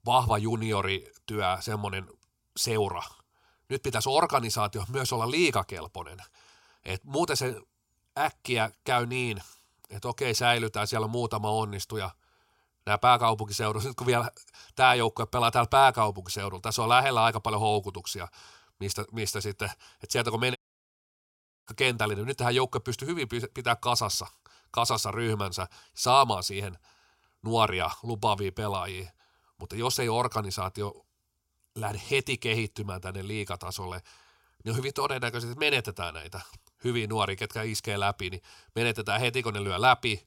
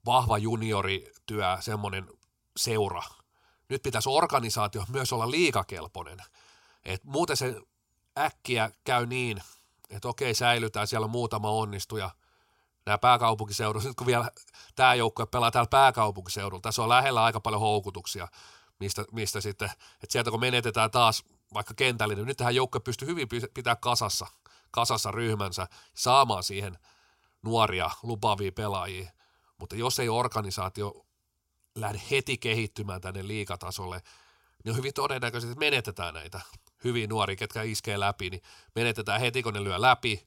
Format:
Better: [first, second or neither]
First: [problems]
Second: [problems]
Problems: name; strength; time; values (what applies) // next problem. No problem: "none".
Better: second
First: audio cutting out; at 21 s for 1 s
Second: none